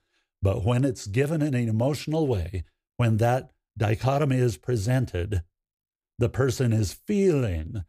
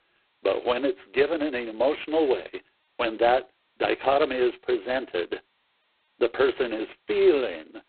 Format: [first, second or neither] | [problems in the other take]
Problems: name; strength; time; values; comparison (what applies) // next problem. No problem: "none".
first | phone-call audio; poor line; nothing above 4 kHz